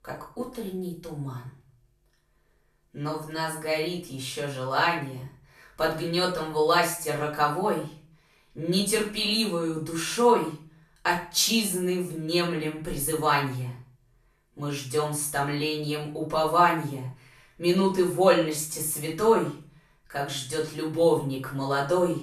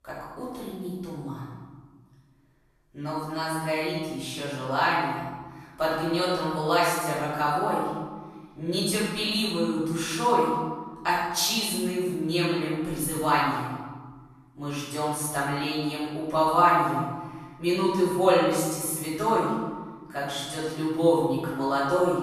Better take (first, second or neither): first